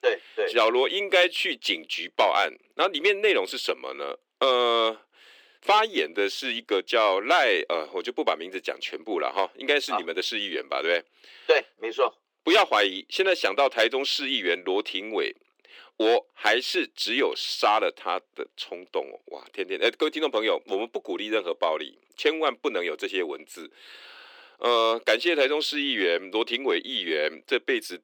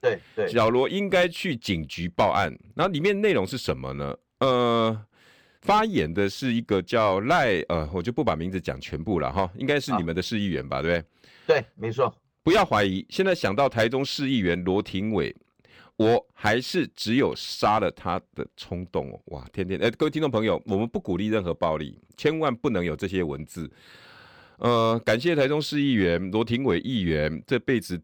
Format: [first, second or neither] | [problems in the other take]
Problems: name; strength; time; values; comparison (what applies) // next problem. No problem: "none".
second | thin; somewhat; fading below 300 Hz